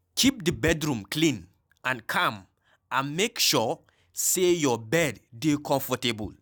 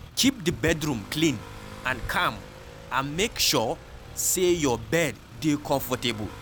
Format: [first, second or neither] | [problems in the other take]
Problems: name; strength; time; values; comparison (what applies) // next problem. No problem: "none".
first | background sound (Motorcycle / Accelerating, revving, vroom); 15 dB below the speech